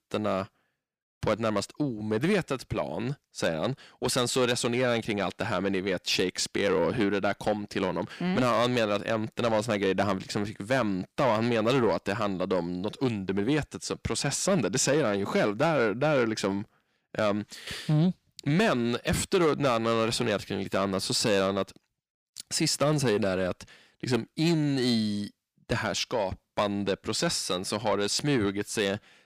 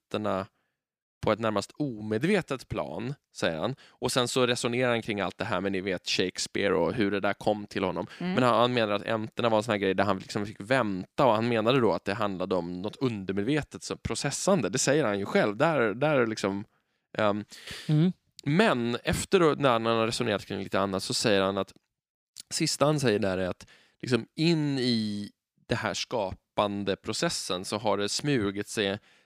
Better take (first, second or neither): second